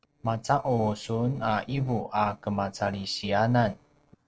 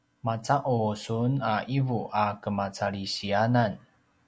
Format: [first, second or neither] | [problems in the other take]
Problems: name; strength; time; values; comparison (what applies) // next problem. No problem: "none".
second | noise reduction (neural separator model SepFormer DNS4)